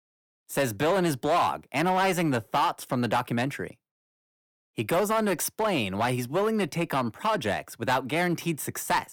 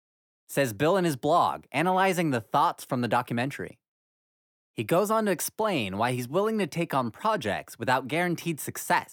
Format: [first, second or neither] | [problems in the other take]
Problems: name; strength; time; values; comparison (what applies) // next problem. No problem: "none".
second | distortion; slight; 7% of the sound clipped